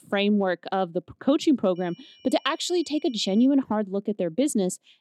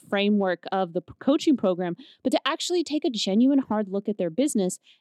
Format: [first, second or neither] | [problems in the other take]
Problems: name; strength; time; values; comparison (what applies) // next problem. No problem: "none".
second | high-pitched whine; faint; from 2 to 3.5 s; 3 kHz, 30 dB below the speech